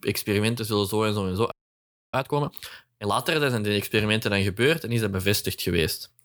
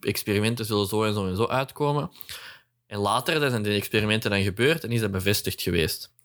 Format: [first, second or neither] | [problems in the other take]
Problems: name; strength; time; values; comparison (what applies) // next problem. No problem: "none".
second | audio freezing; at 1.5 s for 0.5 s